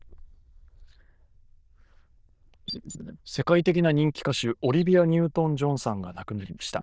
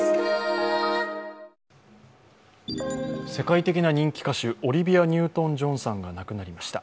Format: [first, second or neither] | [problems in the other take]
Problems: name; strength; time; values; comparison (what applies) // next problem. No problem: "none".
second | noise reduction (neural diffusion model UNIVERSE++)